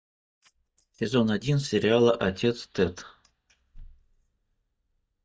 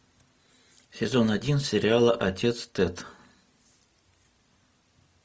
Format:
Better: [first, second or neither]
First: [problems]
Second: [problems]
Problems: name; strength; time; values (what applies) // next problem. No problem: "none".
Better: second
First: noise reduction (neural mask model DeepFilterNet 3)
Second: none